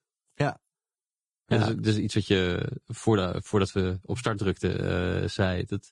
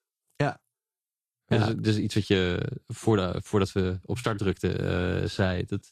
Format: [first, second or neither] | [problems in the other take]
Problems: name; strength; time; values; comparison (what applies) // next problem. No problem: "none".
second | garbled, watery; badly; slightly in the second